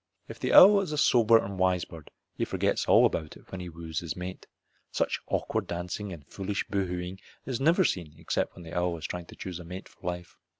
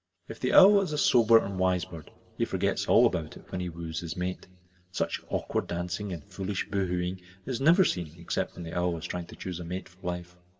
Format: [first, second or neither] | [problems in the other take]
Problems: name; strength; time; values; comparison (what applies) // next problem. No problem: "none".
first | room echo; dies away in 1.5 s